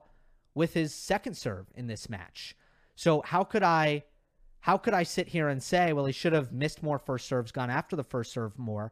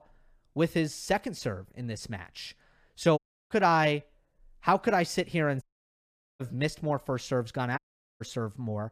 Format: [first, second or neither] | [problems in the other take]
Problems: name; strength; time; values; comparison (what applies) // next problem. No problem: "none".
first | audio cutting out; at 3 s, at 5.5 s for 1 s and at 8 s